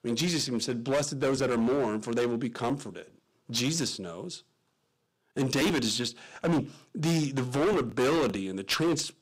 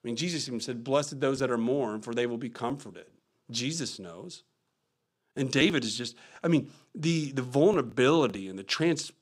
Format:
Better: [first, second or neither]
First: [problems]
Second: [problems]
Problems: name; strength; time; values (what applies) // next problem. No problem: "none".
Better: second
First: distortion; heavy; 12% of the sound clipped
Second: none